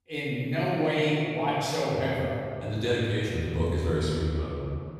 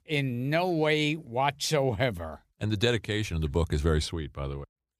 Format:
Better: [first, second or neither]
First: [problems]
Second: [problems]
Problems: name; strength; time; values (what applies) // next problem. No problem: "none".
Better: second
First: room echo; strong; dies away in 2.3 s // off-mic speech; far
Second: none